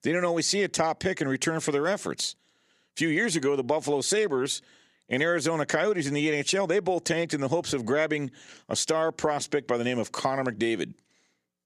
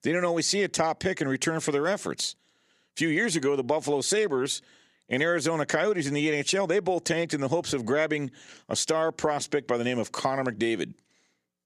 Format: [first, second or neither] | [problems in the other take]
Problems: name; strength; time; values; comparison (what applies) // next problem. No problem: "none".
neither | none